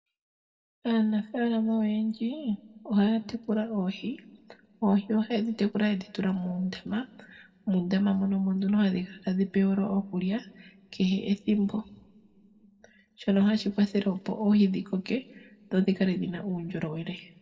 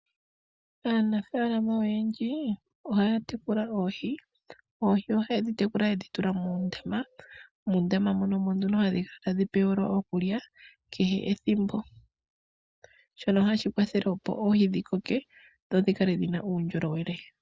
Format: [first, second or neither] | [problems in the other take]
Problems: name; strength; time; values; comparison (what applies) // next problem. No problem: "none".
second | room echo; dies away in 0.9 s